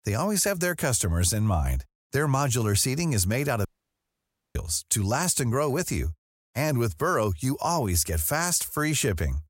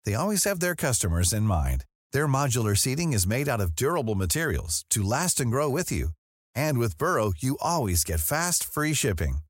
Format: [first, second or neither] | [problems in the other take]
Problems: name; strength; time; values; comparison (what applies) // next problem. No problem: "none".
second | audio cutting out; at 3.5 s for 1 s